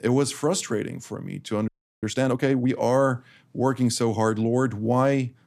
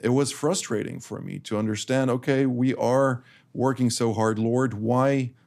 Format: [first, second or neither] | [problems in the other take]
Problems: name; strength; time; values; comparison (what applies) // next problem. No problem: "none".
second | audio freezing; at 1.5 s